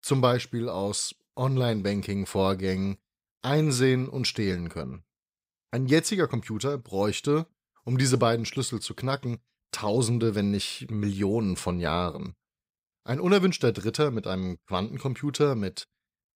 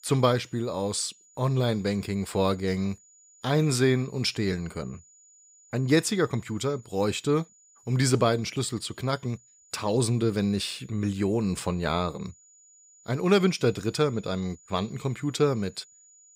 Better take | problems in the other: first | high-pitched whine; faint; throughout; 7 kHz, 30 dB below the speech

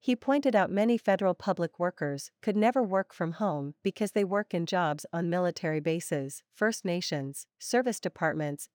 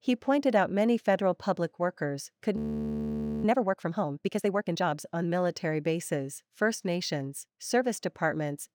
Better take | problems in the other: first | audio freezing; at 2.5 s for 1 s

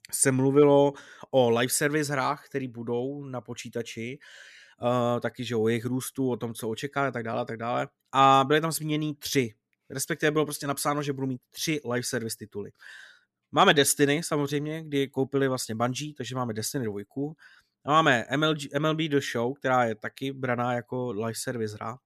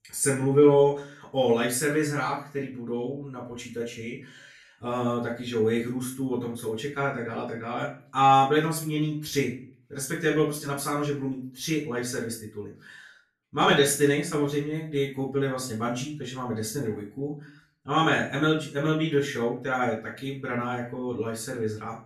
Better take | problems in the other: first | off-mic speech; far // room echo; slight; dies away in 0.4 s

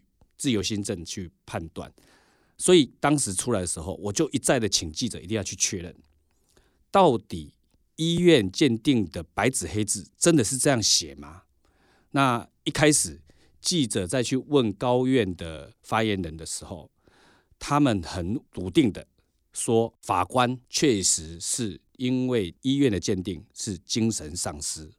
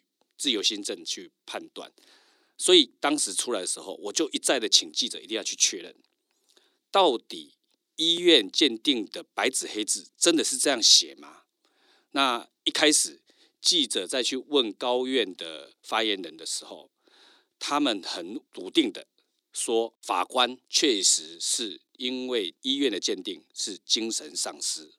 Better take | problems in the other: first | thin; very slightly; fading below 300 Hz

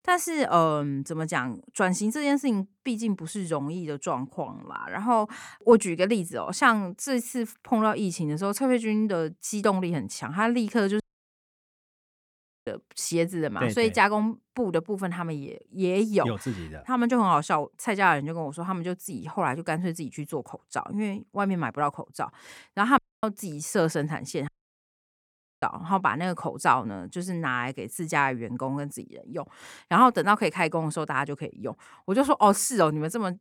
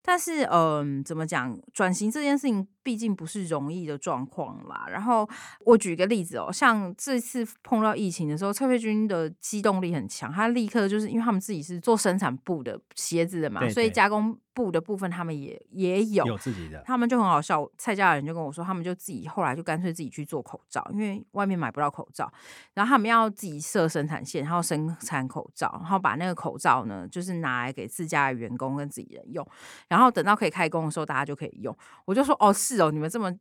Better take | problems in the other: second | audio cutting out; at 11 s for 1.5 s, at 23 s and at 24 s for 1 s

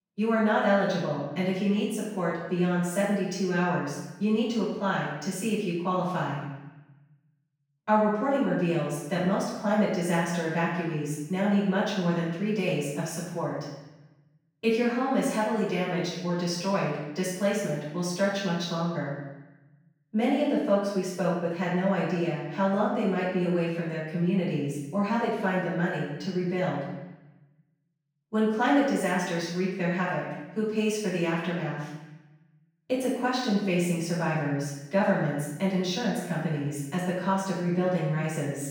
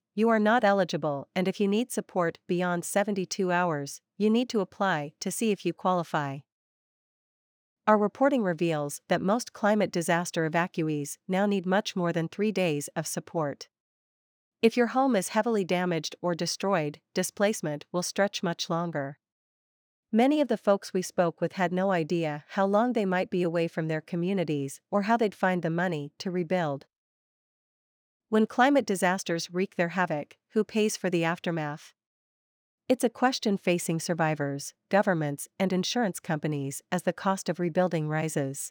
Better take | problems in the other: second | room echo; strong; dies away in 1 s // off-mic speech; far

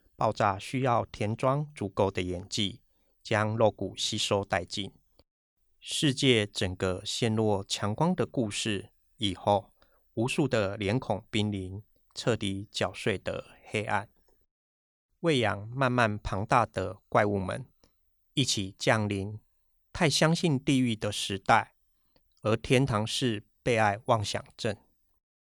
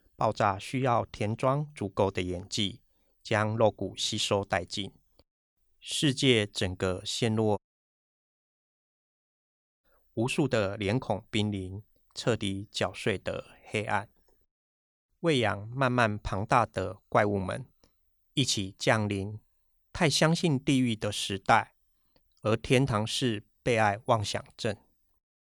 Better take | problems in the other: first | audio cutting out; at 7.5 s for 2.5 s

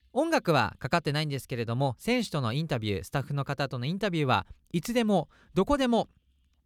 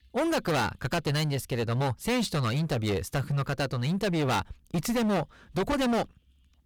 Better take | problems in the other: first | distortion; heavy; 22% of the sound clipped

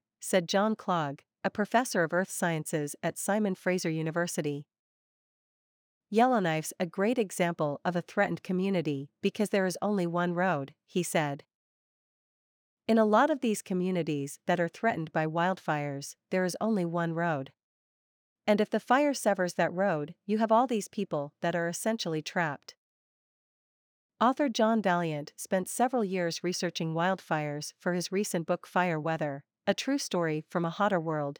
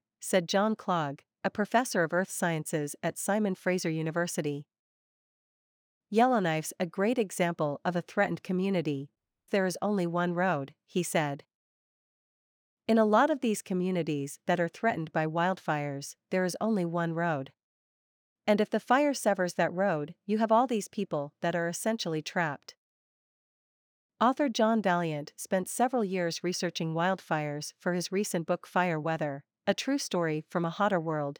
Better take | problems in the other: first | audio cutting out; at 9 s

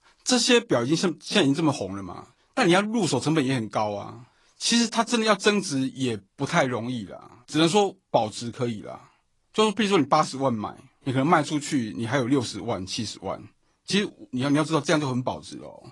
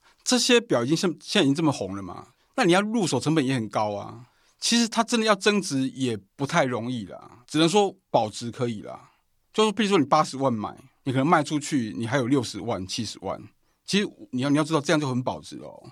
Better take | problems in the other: second | garbled, watery; slightly; nothing above 10 kHz

